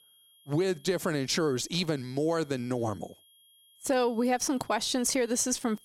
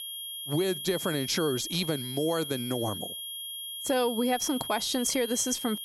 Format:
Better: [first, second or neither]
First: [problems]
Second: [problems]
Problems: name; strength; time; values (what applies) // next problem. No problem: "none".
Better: first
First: high-pitched whine; faint; throughout; 3.5 kHz, 30 dB below the speech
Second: high-pitched whine; loud; throughout; 3.5 kHz, 6 dB below the speech